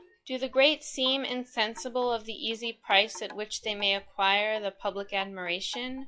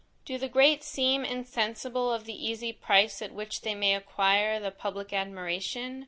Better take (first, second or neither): second